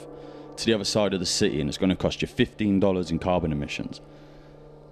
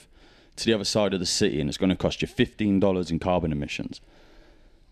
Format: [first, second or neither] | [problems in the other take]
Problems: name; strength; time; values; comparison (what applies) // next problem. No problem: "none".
second | background music; faint; throughout; 20 dB below the speech